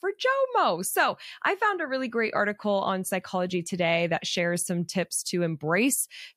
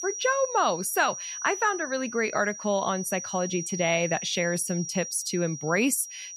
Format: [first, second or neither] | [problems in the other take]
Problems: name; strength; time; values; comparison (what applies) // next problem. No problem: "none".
first | high-pitched whine; loud; throughout; 6 kHz, 8 dB below the speech